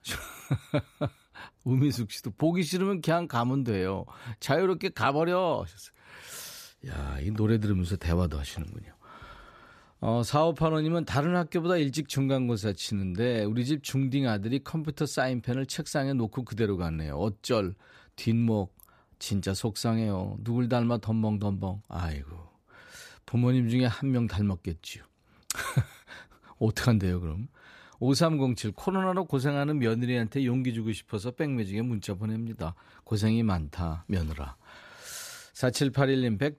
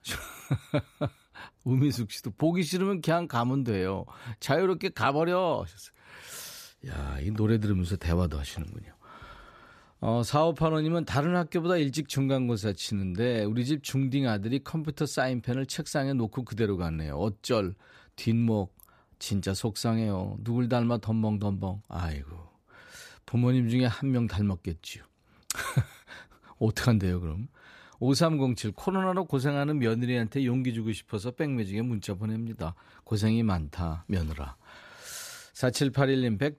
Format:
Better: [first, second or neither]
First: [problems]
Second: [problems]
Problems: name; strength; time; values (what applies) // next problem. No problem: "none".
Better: neither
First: none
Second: none